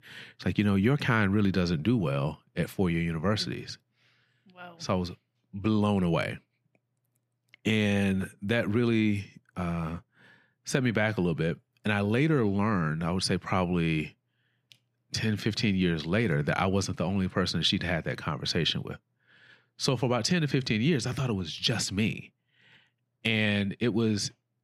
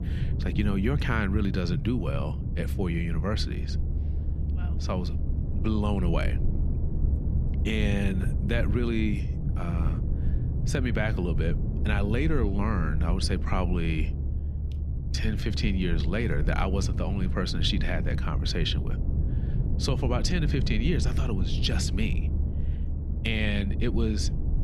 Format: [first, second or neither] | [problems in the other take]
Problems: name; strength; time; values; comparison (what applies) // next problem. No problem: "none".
first | low rumble; loud; throughout; 10 dB below the speech